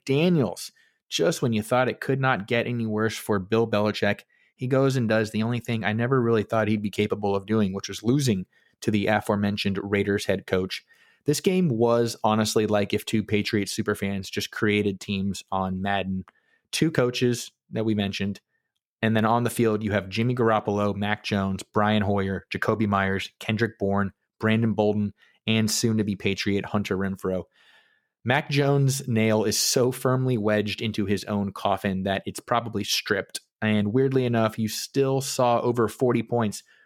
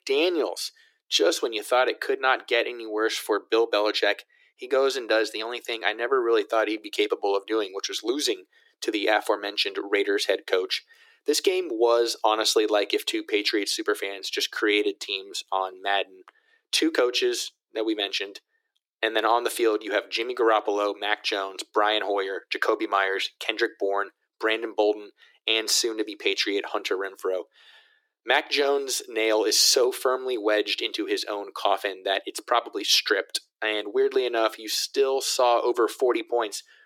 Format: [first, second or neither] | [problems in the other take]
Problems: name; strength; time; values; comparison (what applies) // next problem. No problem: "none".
first | thin; very; fading below 300 Hz